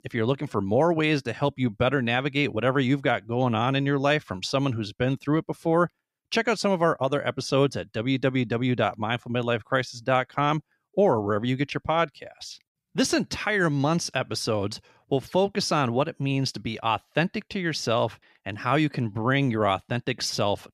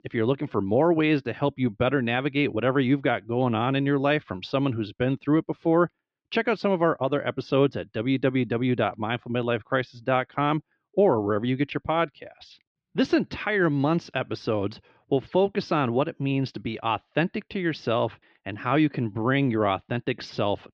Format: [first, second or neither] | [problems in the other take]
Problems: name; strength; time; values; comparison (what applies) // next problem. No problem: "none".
first | muffled; slightly; fading above 3.5 kHz